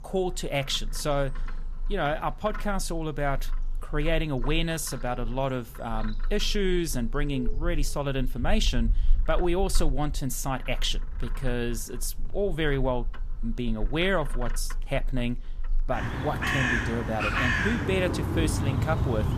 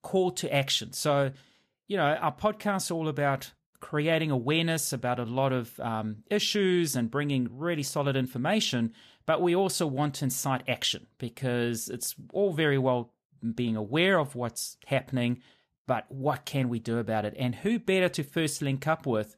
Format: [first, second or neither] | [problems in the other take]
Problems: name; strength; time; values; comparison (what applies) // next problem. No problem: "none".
second | animal sounds; loud; throughout; 3 dB below the speech